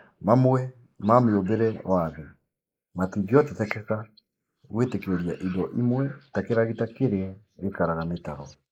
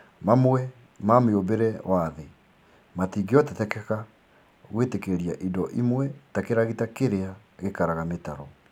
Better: second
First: noise reduction (neural mask model Resemble Enhance denoiser)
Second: none

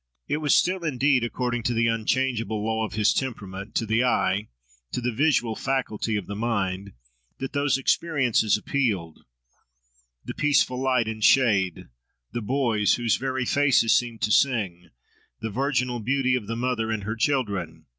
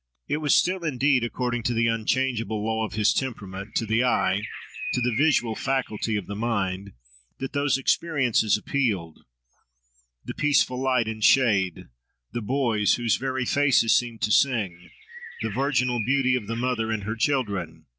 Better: first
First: none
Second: background sound (Bird); 11 dB below the speech

